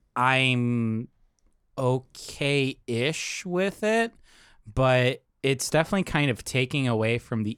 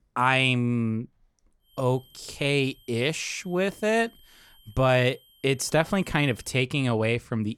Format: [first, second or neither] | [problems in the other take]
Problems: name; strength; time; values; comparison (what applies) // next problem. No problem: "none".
first | high-pitched whine; faint; from 1.5 to 6.5 s; 3 kHz, 30 dB below the speech